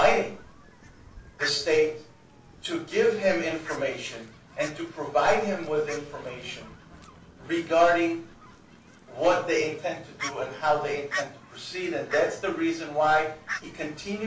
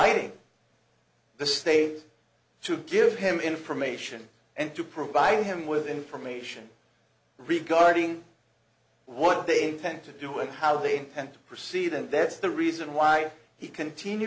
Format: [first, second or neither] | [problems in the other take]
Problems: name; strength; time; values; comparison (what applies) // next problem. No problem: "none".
second | background sound (Fowl); 15 dB below the speech // room echo; dies away in 0.3 s